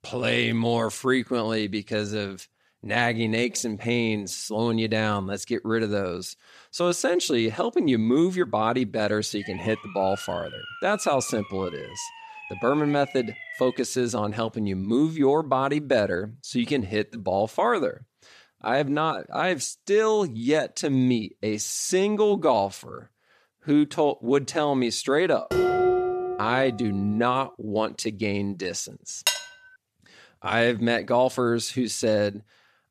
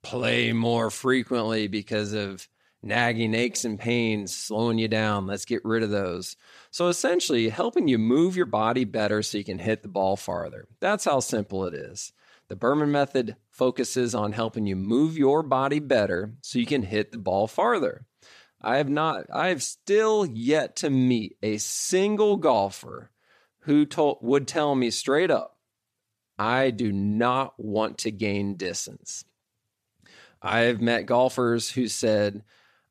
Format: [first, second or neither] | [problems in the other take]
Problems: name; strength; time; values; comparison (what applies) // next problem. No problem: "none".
second | siren; faint; from 9.5 to 14 s; peak 15 dB below the speech // clattering dishes; loud; from 26 to 27 s; peak 4 dB above the speech // clattering dishes; noticeable; at 29 s; peak level with the speech